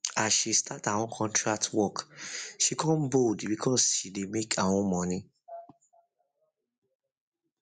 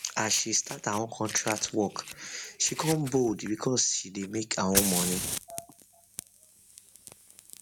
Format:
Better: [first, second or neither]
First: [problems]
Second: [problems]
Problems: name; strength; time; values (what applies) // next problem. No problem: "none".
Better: first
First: none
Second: background sound (Fire); 7 dB below the speech